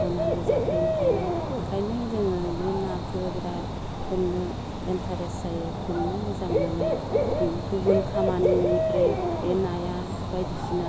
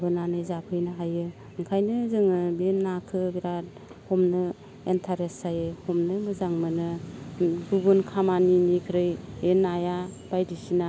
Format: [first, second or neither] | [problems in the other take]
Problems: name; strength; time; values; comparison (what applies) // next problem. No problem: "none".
second | background sound (Bird / Dog); 2 dB above the speech